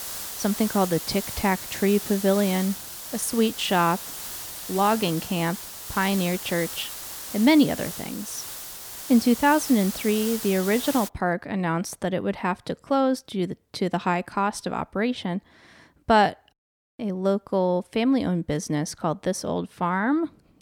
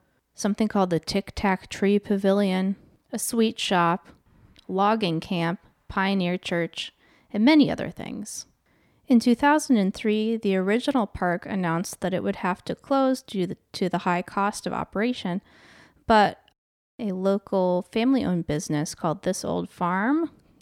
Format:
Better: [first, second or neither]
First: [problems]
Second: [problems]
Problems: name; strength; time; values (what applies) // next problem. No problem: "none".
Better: second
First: hiss; loud; until 11 s; 8 dB below the speech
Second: none